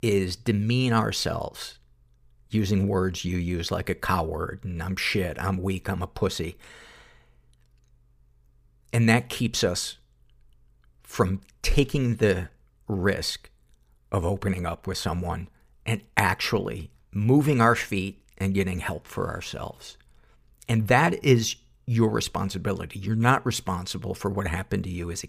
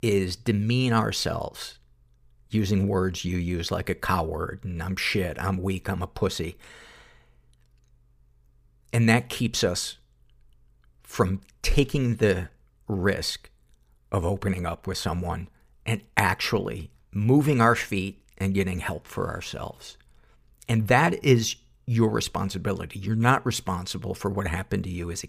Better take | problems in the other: neither | none

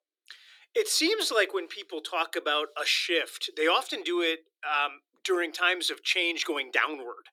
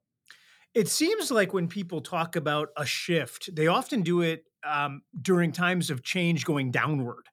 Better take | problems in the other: second | thin; very; fading below 300 Hz

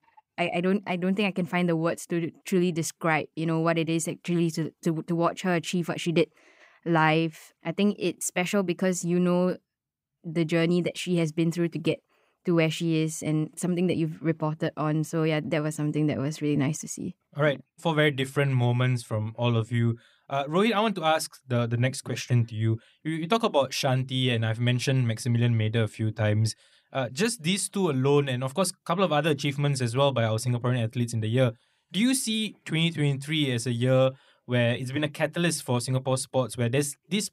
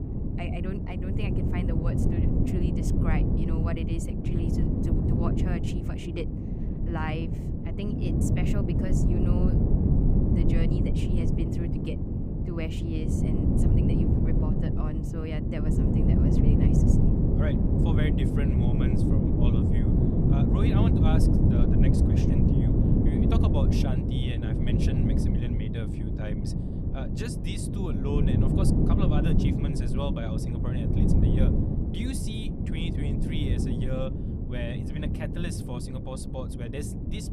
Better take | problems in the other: first | wind noise on the microphone; heavy; 4 dB above the speech

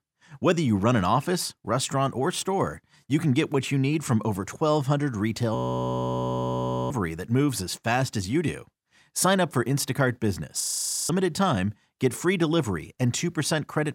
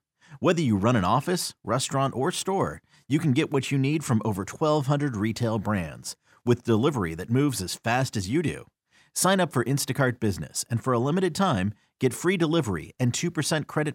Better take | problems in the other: second | audio freezing; at 5.5 s for 1.5 s and at 11 s

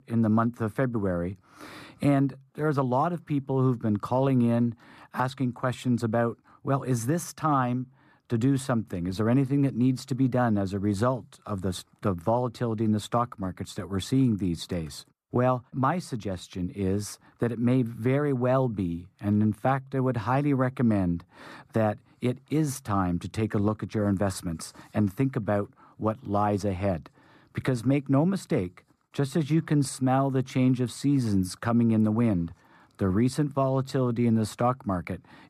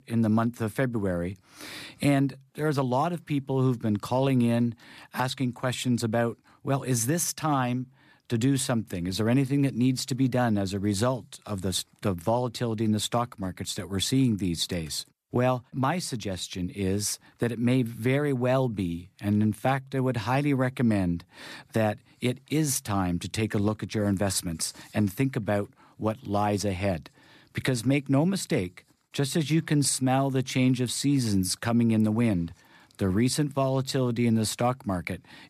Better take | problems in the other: second | muffled; slightly; fading above 1.5 kHz

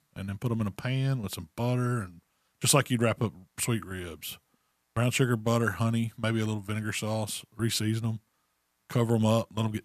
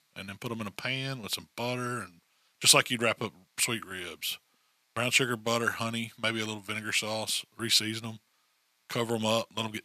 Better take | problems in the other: first | thin; somewhat; fading below 950 Hz

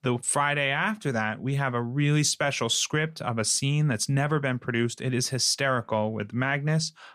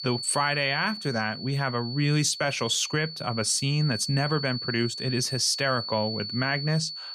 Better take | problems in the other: first | high-pitched whine; loud; throughout; 4.5 kHz, 7 dB below the speech

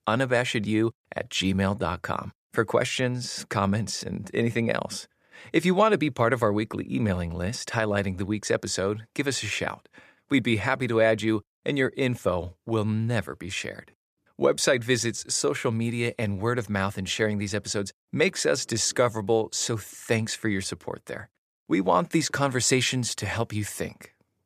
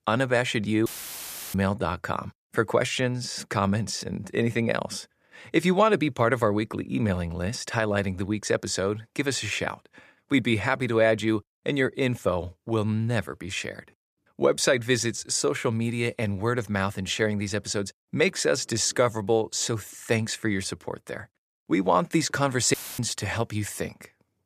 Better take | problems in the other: first | audio cutting out; filled with static; at 1 s for 0.5 s and at 23 s

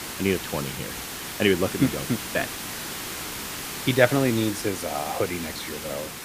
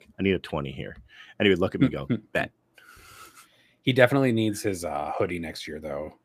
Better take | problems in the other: second | hiss; loud; throughout; 6 dB below the speech

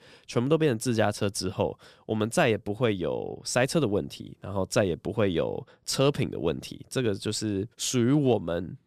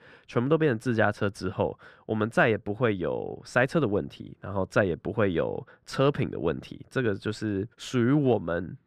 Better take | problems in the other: first | muffled; slightly; fading above 4 kHz

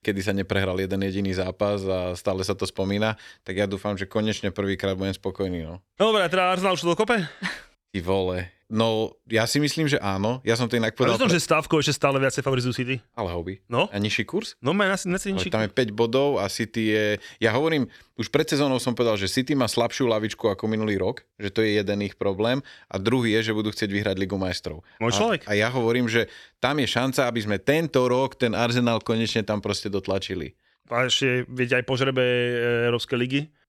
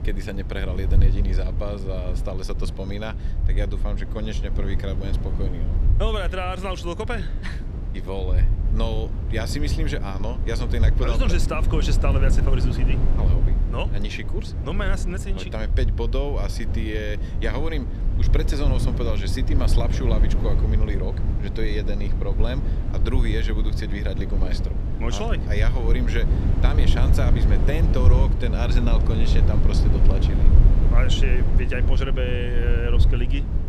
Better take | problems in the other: first | low rumble; loud; throughout; 6 dB below the speech

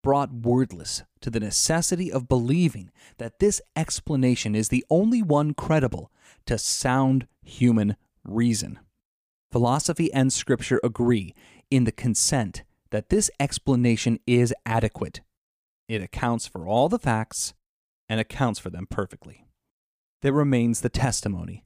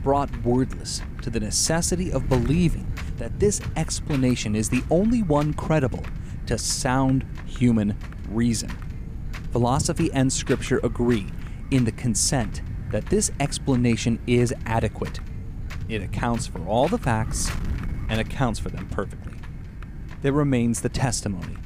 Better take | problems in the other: first | wind noise on the microphone; occasional gusts; 15 dB below the speech

